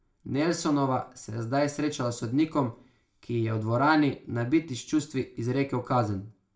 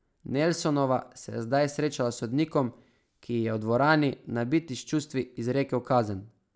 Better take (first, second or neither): second